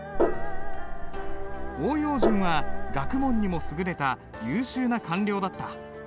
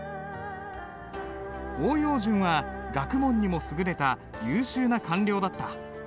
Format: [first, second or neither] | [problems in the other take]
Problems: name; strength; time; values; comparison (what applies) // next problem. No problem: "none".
second | background sound (Gong); 3 dB above the speech